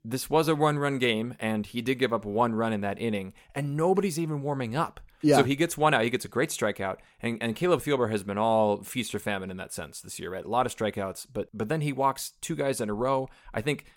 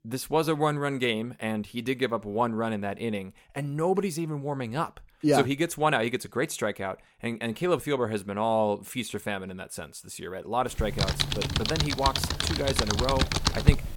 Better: first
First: none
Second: keyboard typing; loud; from 11 s on; peak 5 dB above the speech

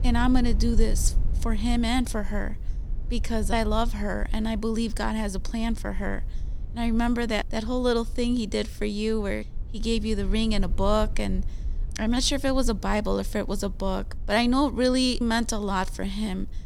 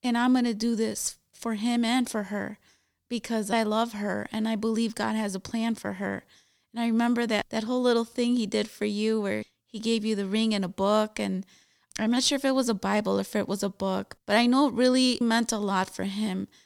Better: second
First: low rumble; faint; throughout; 25 dB below the speech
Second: none

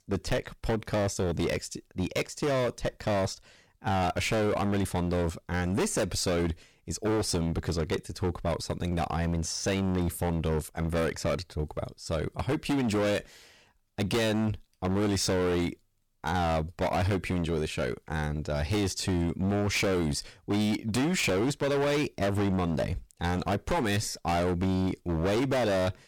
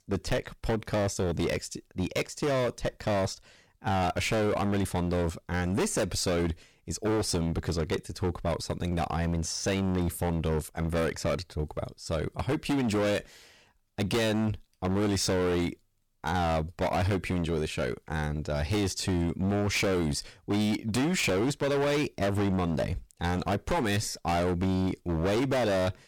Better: neither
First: distortion; heavy; 21% of the sound clipped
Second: distortion; heavy; 21% of the sound clipped

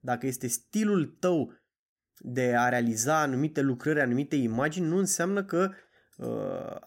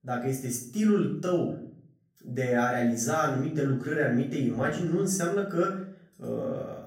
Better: first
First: none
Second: off-mic speech; far // room echo; slight; dies away in 0.5 s

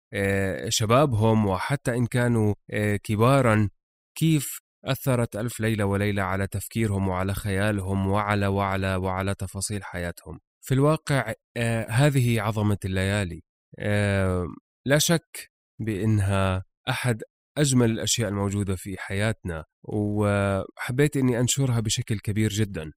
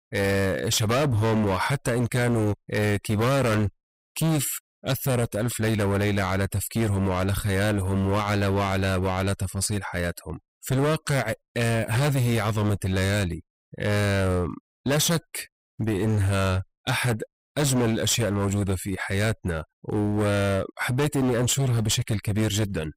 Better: first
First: none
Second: distortion; heavy; 22% of the sound clipped

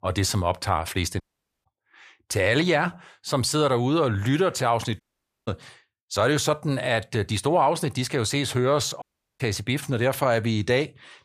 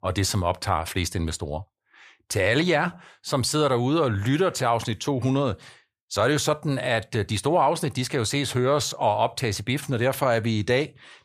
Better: second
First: audio cutting out; at 1 s, at 5 s and at 9 s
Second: none

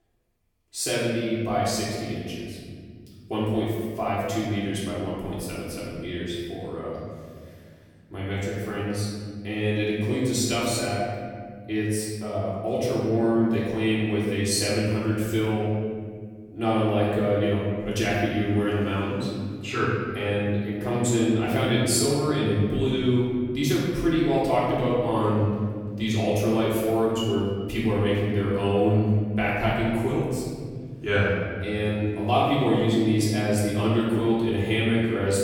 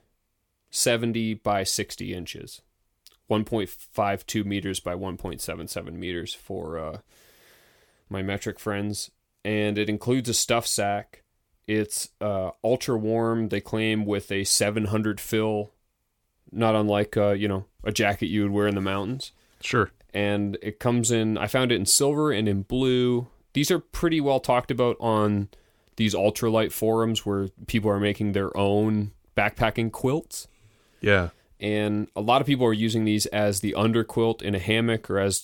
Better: second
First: room echo; strong; dies away in 2.3 s // off-mic speech; far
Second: none

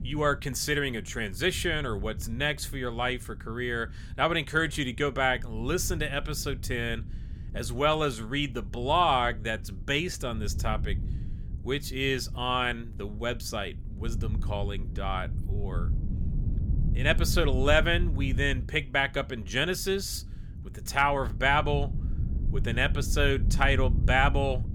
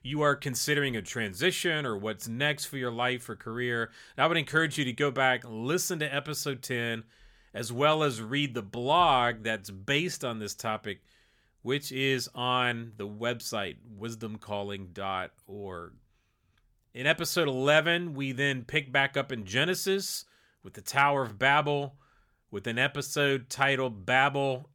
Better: second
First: wind noise on the microphone; occasional gusts; 20 dB below the speech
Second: none

